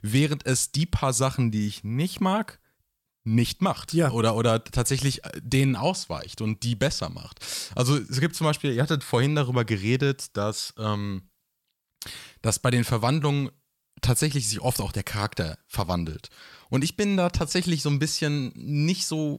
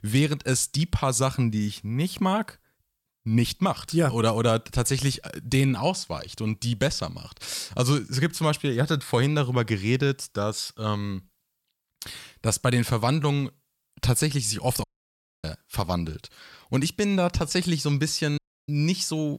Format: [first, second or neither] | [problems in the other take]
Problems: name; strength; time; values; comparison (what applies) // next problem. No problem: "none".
first | audio cutting out; at 15 s for 0.5 s and at 18 s